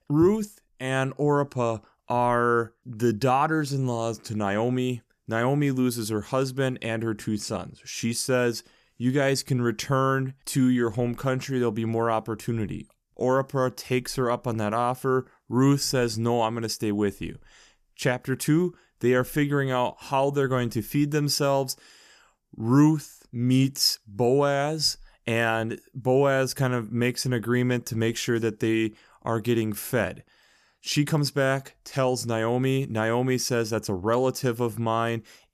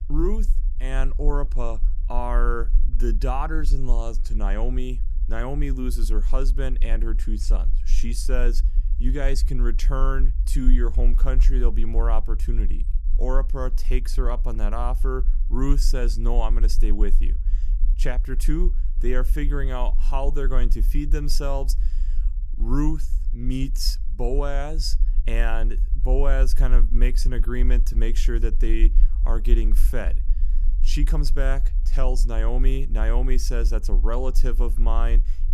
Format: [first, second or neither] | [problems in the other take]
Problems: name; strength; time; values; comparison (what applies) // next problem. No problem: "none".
first | low rumble; noticeable; throughout; 20 dB below the speech